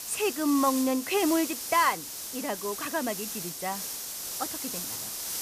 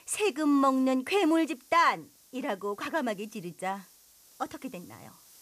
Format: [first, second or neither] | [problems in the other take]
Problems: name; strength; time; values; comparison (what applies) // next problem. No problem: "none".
second | hiss; loud; throughout; 5 dB below the speech; faint in the second